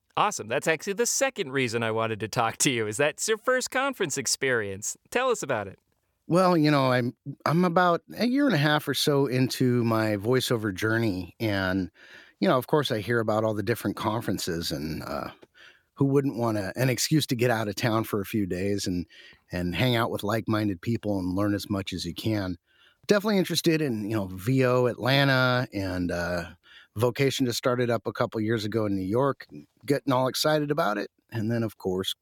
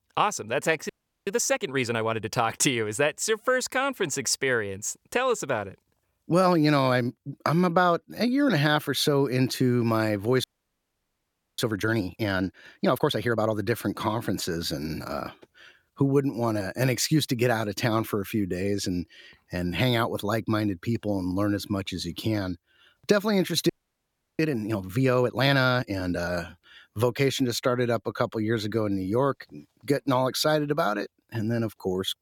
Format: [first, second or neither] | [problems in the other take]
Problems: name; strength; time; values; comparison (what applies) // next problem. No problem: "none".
first | audio freezing; at 1 s, at 10 s for 1 s and at 24 s for 0.5 s